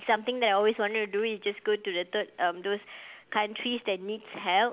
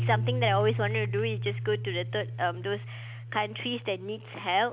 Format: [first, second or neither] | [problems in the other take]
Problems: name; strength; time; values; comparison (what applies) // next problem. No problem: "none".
first | background sound (Piano); 3 dB below the speech